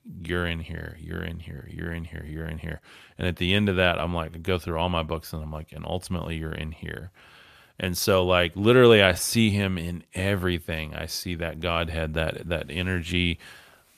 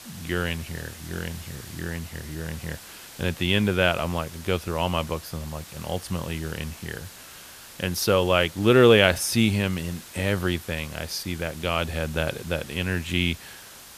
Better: first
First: none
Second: hiss; noticeable; throughout; 15 dB below the speech

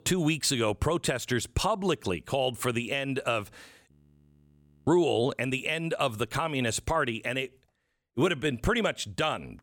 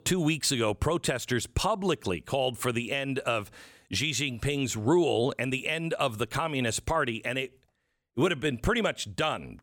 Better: second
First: audio freezing; at 4 s for 1 s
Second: none

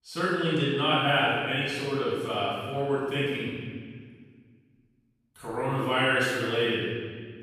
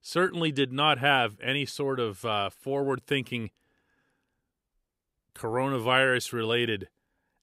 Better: second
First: off-mic speech; far // room echo; strong; dies away in 1.6 s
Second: none

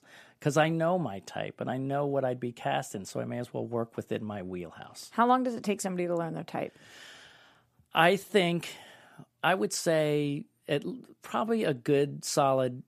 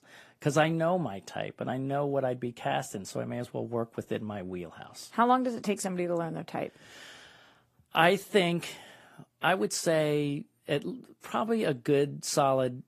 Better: first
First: none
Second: garbled, watery; slightly; nothing above 14.5 kHz

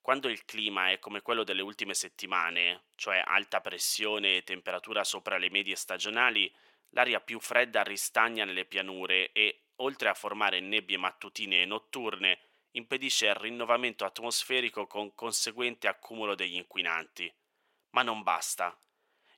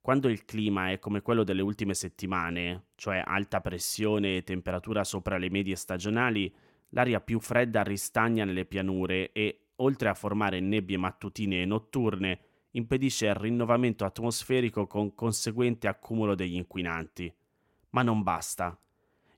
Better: second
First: thin; very; fading below 600 Hz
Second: none

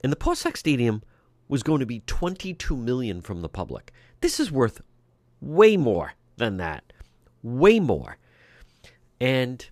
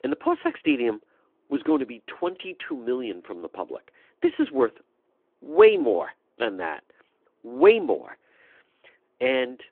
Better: first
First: none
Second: phone-call audio

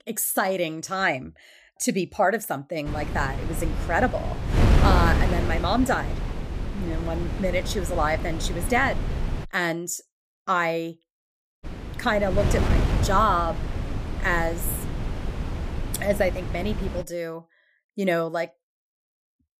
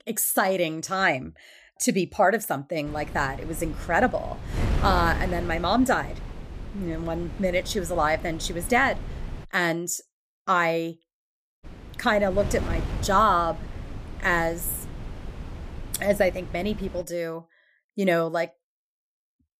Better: second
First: wind noise on the microphone; heavy; from 3 to 9.5 s and from 12 to 17 s; 9 dB below the speech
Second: wind noise on the microphone; occasional gusts; from 3 to 9.5 s and from 12 to 17 s; 15 dB below the speech

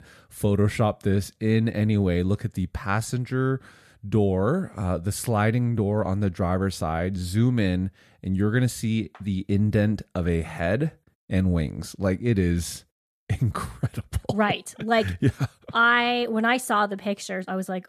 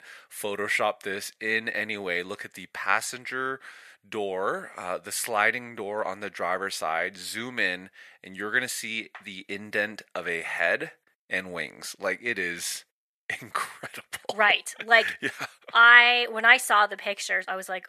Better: first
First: none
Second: thin; very; fading below 650 Hz

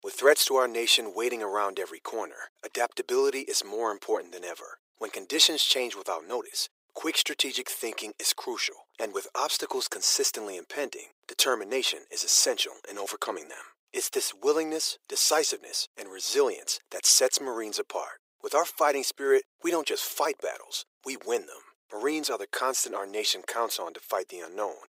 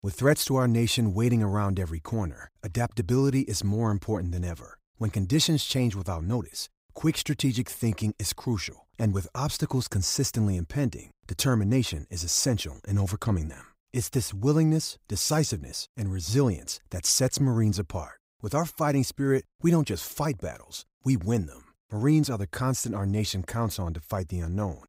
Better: second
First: thin; very; fading below 400 Hz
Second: none

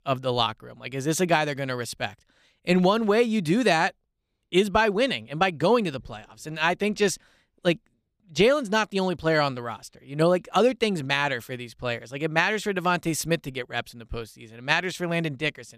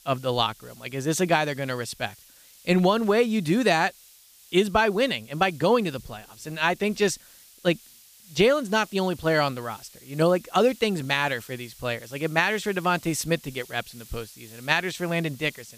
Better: first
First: none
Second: hiss; faint; throughout; 25 dB below the speech

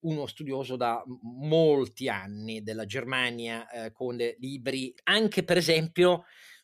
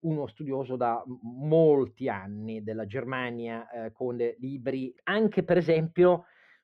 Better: first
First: none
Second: muffled; very; fading above 4 kHz

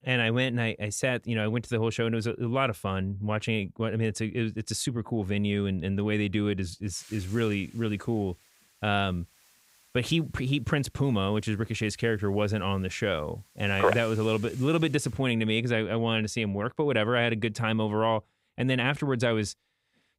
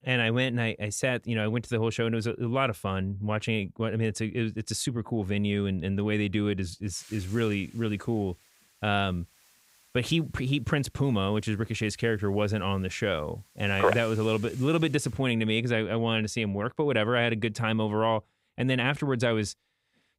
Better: neither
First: hiss; faint; from 7 to 15 s; 25 dB below the speech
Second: hiss; faint; from 7 to 15 s; 25 dB below the speech

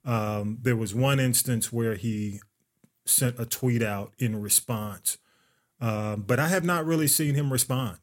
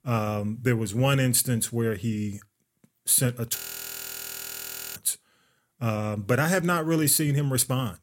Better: first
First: none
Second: audio freezing; at 3.5 s for 1.5 s

